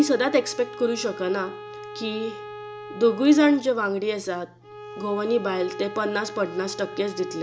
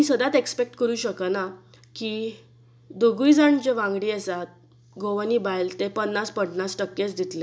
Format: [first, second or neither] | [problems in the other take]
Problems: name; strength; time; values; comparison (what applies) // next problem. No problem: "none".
second | background sound (Bowed string instrument); 14 dB below the speech